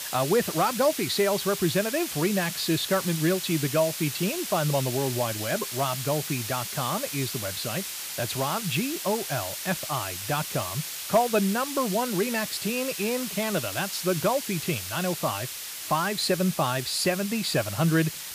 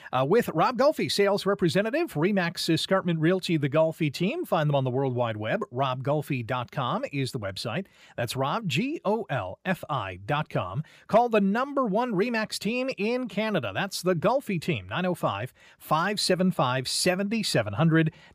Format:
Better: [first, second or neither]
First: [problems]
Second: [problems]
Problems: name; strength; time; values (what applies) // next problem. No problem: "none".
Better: second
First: hiss; loud; throughout; 5 dB below the speech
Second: none